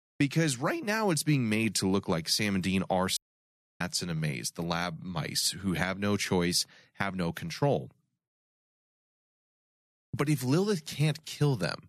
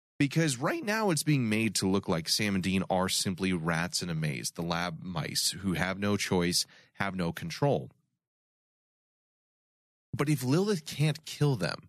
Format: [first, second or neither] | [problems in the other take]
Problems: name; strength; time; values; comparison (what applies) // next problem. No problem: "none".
second | audio cutting out; at 3 s for 0.5 s